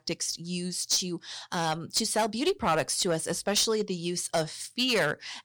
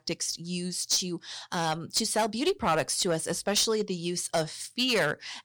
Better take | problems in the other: neither | distortion; slight; 3% of the sound clipped; the same in both

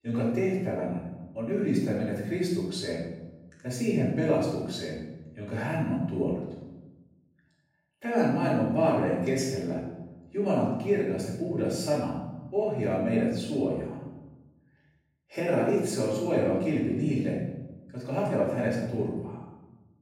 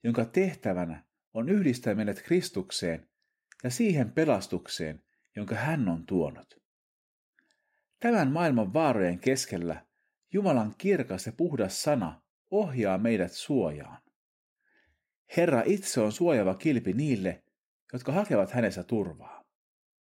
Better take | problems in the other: second | off-mic speech; far // room echo; noticeable; dies away in 1.1 s

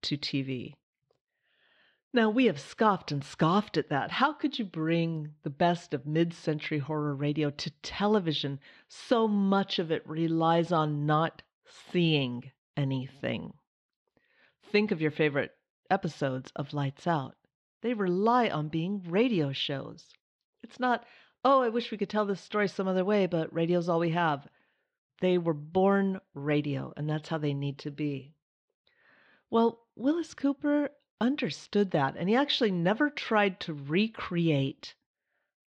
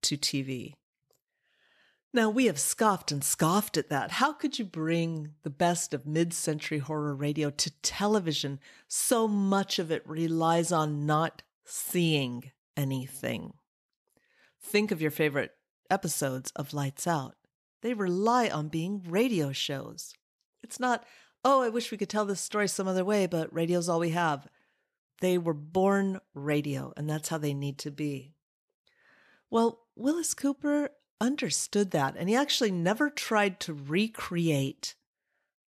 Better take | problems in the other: second | muffled; slightly; fading above 4 kHz

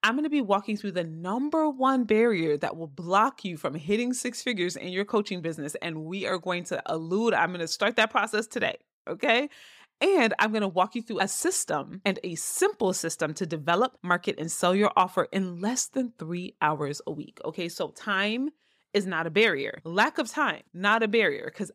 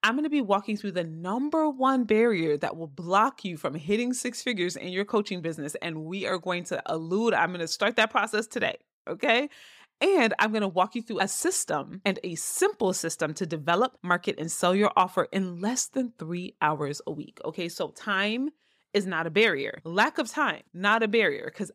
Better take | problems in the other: neither | none

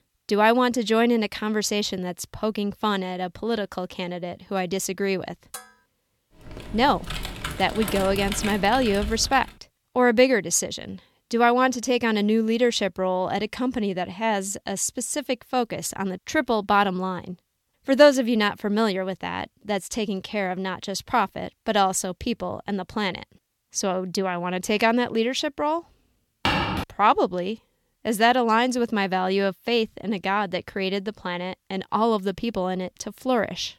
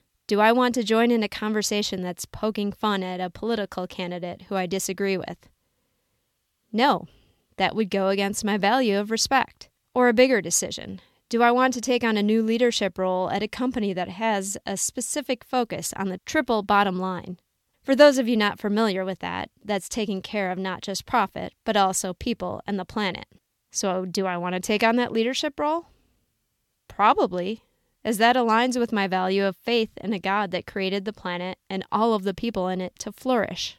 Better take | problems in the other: second | clattering dishes; faint; at 5.5 s; peak 15 dB below the speech // keyboard typing; noticeable; from 6.5 to 9.5 s; peak 6 dB below the speech // footsteps; loud; at 26 s; peak 1 dB above the speech

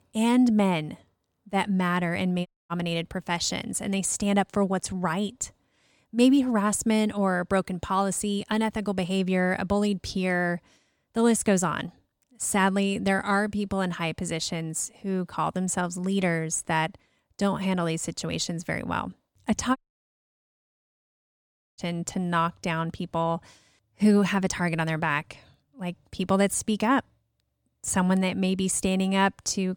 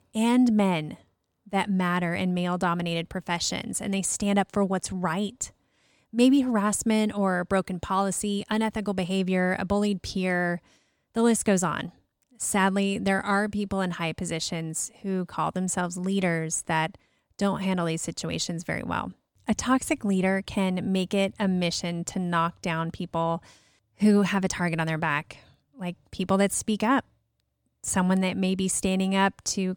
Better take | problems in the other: second | audio cutting out; at 2.5 s and at 20 s for 2 s

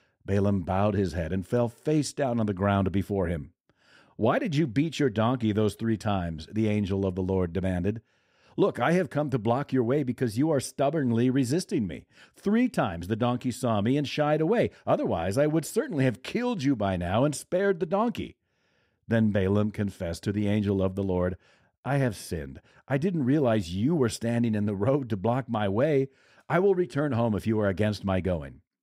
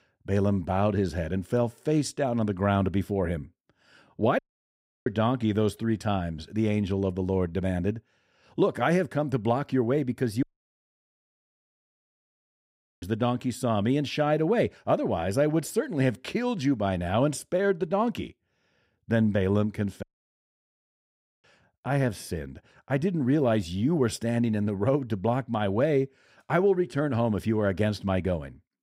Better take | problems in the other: first | audio cutting out; at 4.5 s for 0.5 s, at 10 s for 2.5 s and at 20 s for 1.5 s

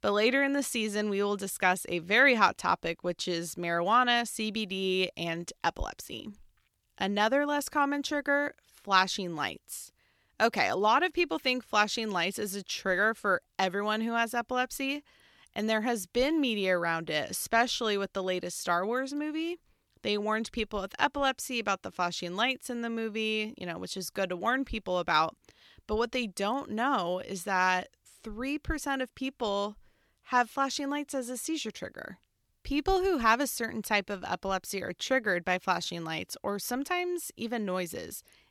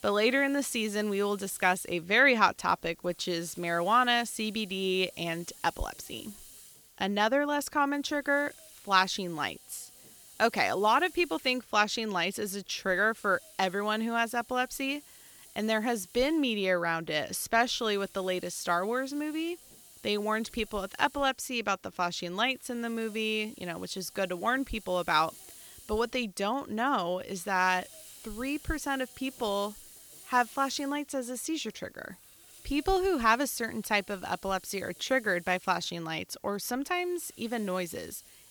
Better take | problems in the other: first | hiss; faint; throughout; 20 dB below the speech

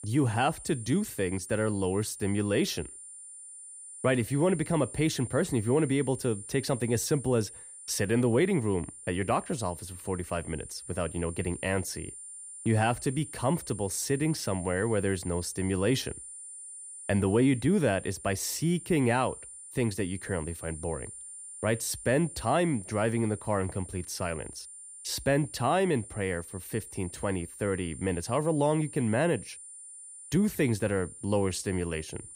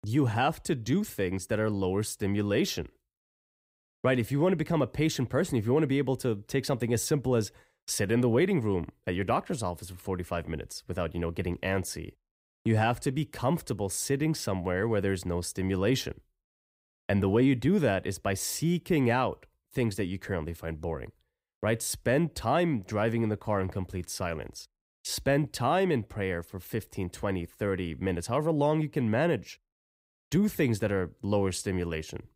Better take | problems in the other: second | high-pitched whine; noticeable; throughout; 9.5 kHz, 15 dB below the speech

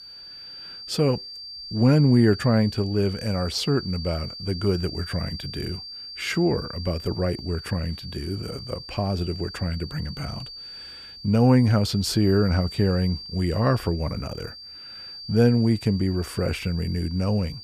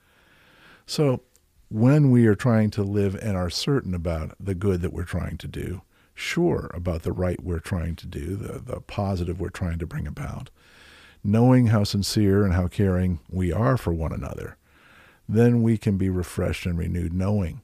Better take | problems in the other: second | high-pitched whine; noticeable; throughout; 4.5 kHz, 10 dB below the speech

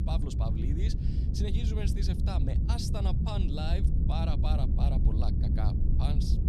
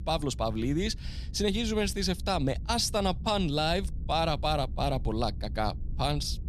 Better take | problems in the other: second | low rumble; loud; throughout; 2 dB below the speech; faint in the second

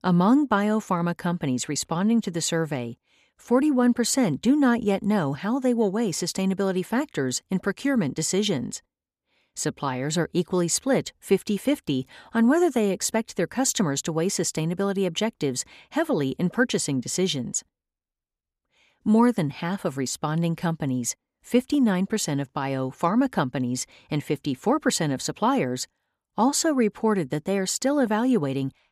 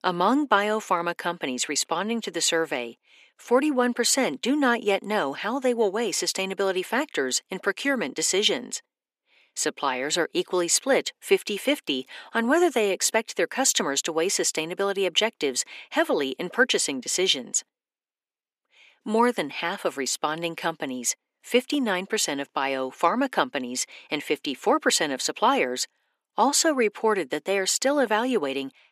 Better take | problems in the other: first | thin; somewhat; fading below 350 Hz

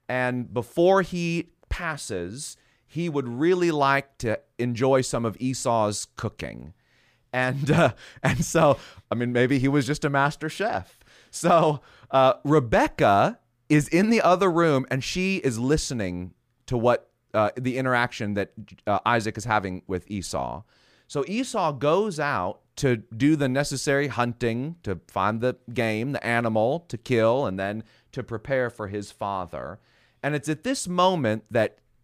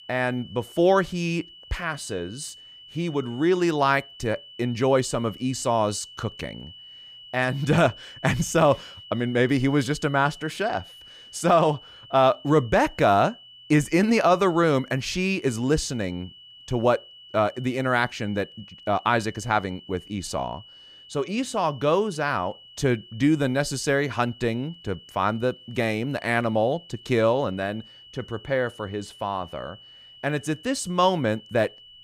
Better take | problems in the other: first | high-pitched whine; faint; throughout; 3 kHz, 20 dB below the speech

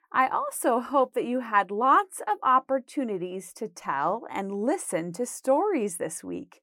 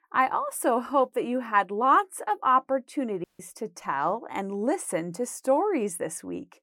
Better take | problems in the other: first | audio cutting out; at 3 s

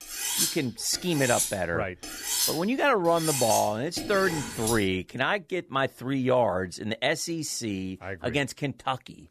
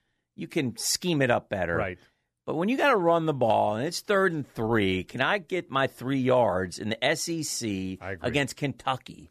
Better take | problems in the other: second | clattering dishes; loud; until 5 s; peak 3 dB above the speech

